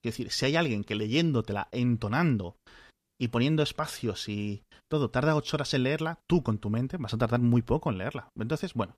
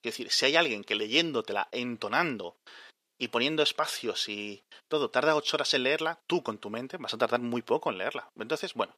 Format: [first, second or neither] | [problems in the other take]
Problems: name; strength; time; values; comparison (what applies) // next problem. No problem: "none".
first | thin; somewhat; fading below 450 Hz